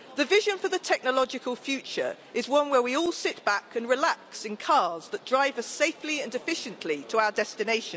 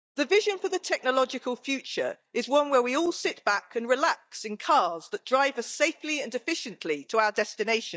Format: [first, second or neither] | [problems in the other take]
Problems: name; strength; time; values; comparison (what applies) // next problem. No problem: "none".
first | noise reduction (neural mask model DeepFilterNet 3)